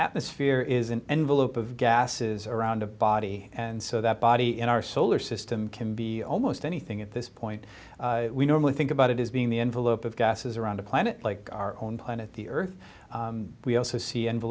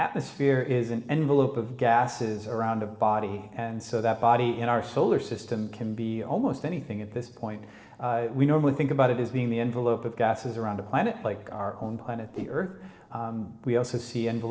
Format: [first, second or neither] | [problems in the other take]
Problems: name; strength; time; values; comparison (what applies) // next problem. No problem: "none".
first | noise reduction (neural separator model SepFormer DNS4)